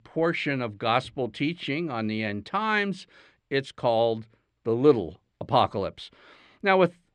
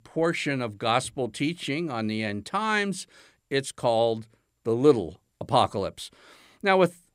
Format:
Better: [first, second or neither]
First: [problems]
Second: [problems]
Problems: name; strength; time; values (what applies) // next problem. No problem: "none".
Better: second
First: muffled; very slightly; fading above 3 kHz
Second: none